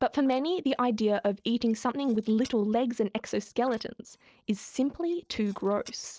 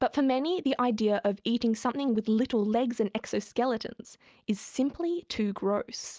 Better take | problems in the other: second | noise reduction (neural separator model SepFormer DNS4)

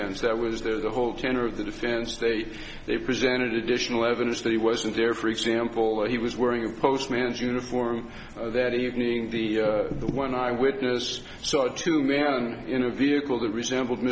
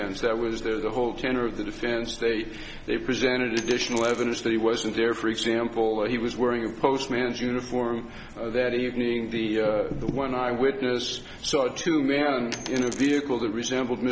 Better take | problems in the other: first | background sound (Coin (dropping)); 14 dB below the speech

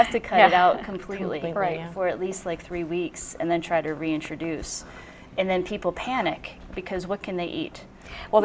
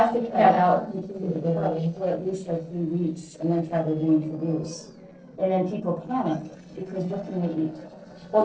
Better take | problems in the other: first | noise reduction (neural separator model SepFormer DNS4)

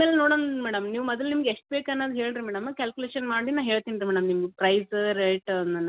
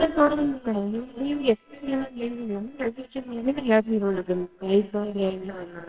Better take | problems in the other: first | noise reduction (neural separator model SepFormer WHAMR!)

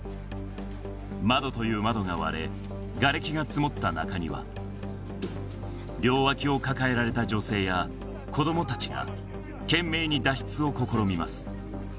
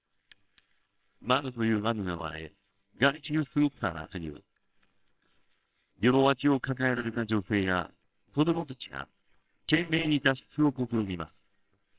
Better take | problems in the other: first | noise reduction (neural separator model SepFormer WHAMR!)

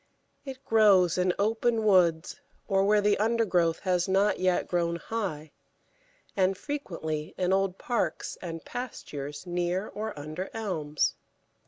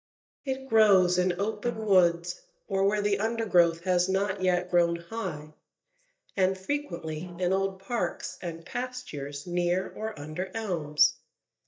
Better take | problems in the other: first | noise reduction (neural mask model DeepFilterNet 3)

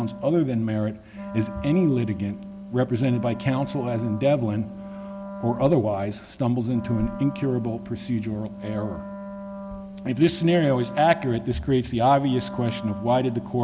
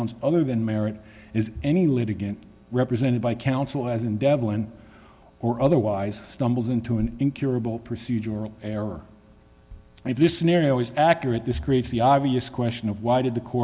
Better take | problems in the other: second | background sound (Wind instrument, woodwind instrument); 13 dB below the speech

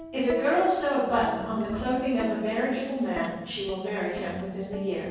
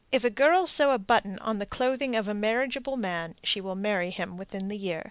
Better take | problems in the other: second | background sound (Plucked string instrument); 13 dB below the speech // room echo; dies away in 1.3 s

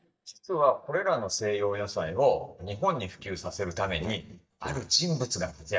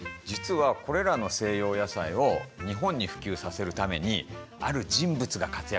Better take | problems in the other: second | noise reduction (neural mask model DeepFilterNet 3)

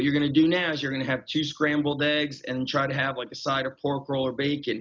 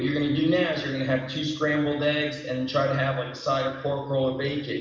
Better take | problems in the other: first | room echo; dies away in 0.9 s

